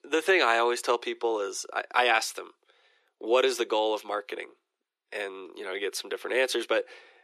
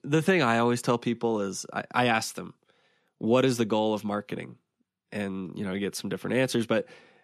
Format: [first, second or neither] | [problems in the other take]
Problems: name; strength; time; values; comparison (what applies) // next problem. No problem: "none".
second | thin; very; fading below 350 Hz